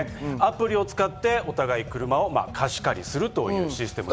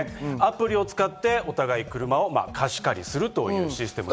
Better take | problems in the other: second | background sound (Mechanisms); 18 dB below the speech

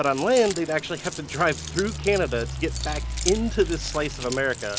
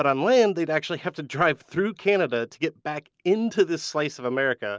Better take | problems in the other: second | background sound (Keys jangling + Idling / Truck); 7 dB below the speech

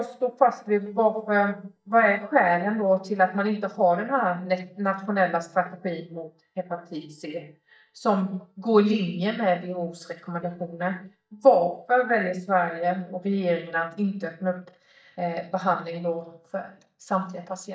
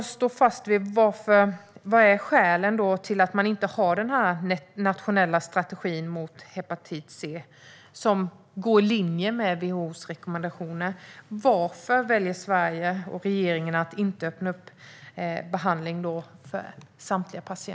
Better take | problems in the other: second | noise reduction (neural mask model DeepFilterNet 3)

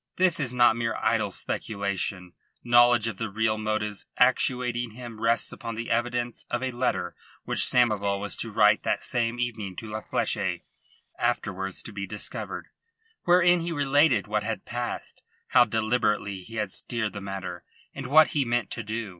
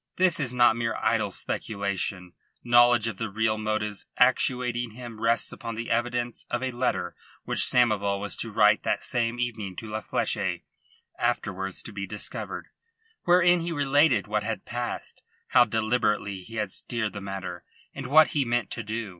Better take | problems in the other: second | noise reduction (neural separator model SepFormer DNS4)

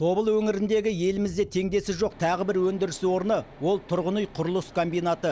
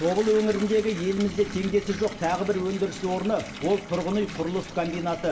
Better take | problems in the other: first | background sound (Bathtub (filling or washing) / Water tap, faucet); 13 dB below the speech // room echo; dies away in 1.9 s

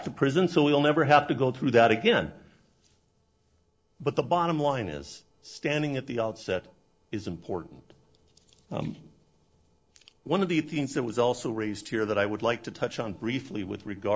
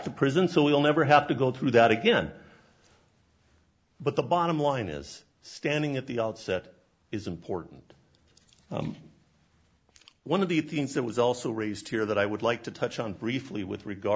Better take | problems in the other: second | noise reduction (neural separator model SepFormer DNS4)

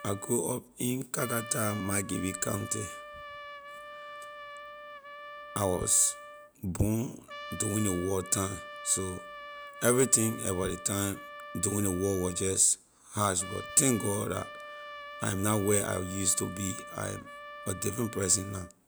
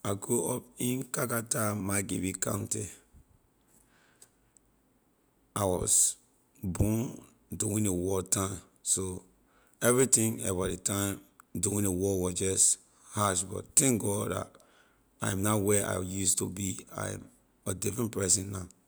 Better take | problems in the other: second | background sound (Trumpet); 13 dB below the speech

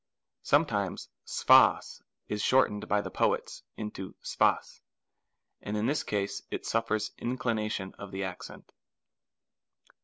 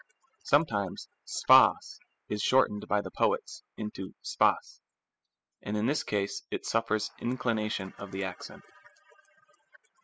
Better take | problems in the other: first | noise reduction (classical method spectral subtraction)

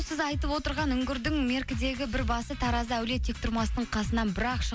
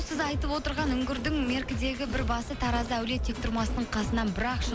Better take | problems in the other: first | background sound (Crowd); 11 dB below the speech

